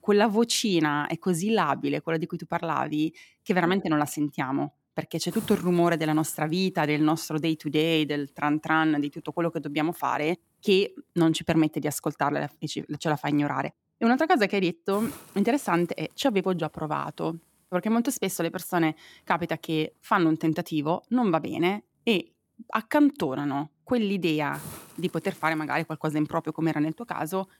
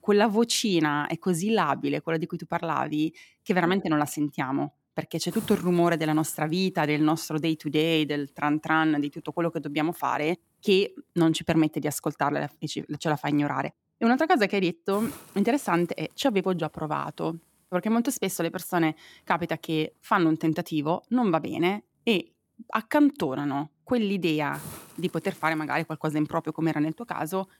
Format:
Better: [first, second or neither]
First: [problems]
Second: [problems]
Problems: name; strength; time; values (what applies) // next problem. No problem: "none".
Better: neither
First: hiss; faint; throughout; 20 dB below the speech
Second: hiss; faint; throughout; 20 dB below the speech